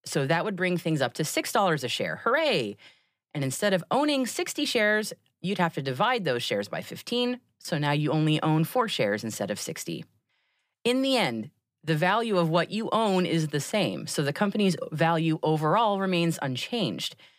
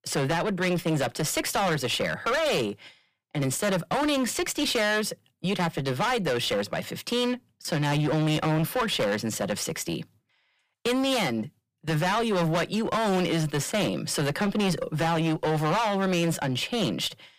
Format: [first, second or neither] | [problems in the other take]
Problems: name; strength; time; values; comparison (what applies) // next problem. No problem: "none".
first | distortion; heavy; 21% of the sound clipped